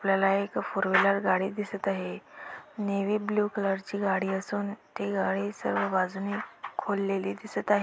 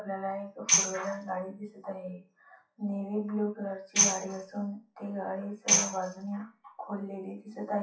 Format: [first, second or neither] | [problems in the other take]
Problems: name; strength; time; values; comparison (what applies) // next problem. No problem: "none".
first | noise reduction (classical method WPE with log-MMSE)